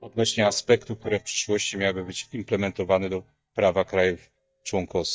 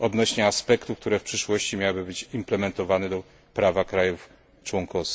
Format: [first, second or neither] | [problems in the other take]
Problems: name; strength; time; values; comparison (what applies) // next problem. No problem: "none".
second | noise reduction (neural mask model DeepFilterNet 3)